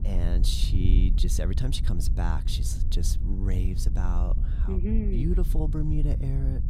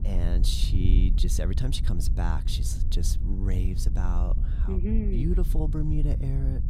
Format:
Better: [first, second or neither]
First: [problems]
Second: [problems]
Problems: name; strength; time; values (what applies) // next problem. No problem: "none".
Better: neither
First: wind noise on the microphone; heavy; 9 dB below the speech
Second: wind noise on the microphone; heavy; 9 dB below the speech